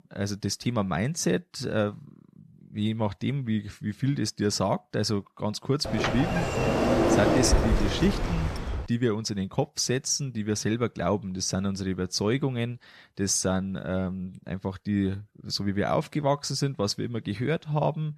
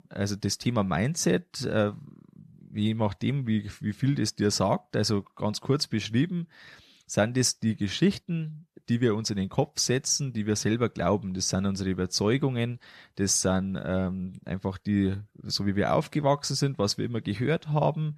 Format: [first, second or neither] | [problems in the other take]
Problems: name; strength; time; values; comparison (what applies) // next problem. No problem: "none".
second | door banging; loud; from 6 to 9 s; peak 6 dB above the speech